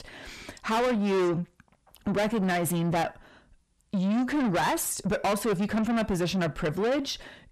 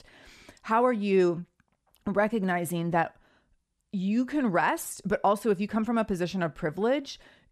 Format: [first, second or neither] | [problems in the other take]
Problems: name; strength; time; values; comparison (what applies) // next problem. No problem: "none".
second | distortion; heavy; 6 dB below the speech